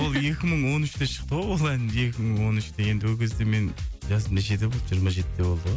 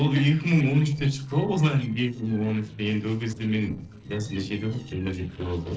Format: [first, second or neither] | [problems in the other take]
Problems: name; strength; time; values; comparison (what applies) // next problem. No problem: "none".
first | noise reduction (neural separator model SepFormer DNS4)